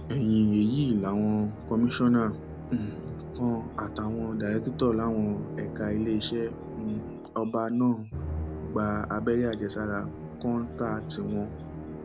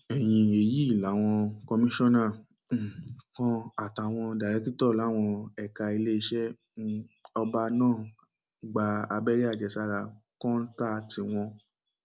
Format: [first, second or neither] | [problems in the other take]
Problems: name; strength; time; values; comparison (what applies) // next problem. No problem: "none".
second | background sound (Musical instrument); 10 dB below the speech